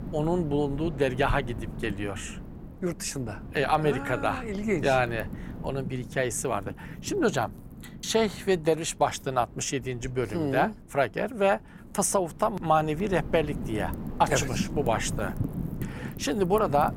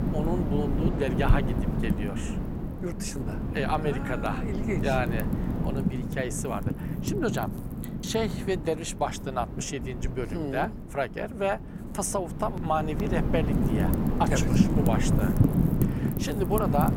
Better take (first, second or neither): first